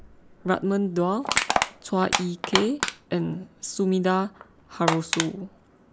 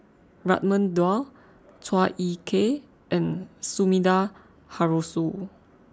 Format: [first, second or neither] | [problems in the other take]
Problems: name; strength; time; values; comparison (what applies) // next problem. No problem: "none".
second | background sound (Crushing); 4 dB below the speech